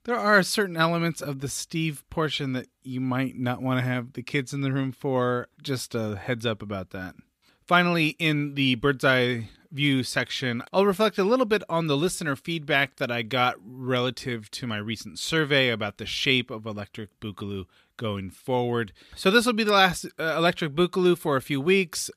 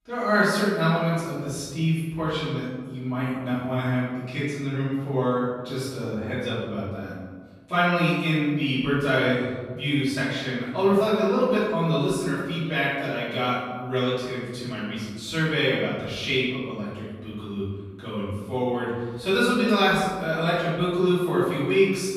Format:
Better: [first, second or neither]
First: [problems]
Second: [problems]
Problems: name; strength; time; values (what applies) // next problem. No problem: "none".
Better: first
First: none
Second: room echo; strong; dies away in 1.4 s // off-mic speech; far